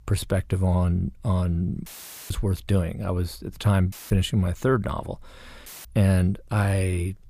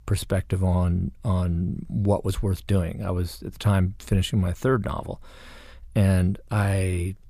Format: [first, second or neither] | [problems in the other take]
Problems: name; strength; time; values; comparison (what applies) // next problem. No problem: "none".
second | audio cutting out; filled with static; at 2 s, at 4 s and at 5.5 s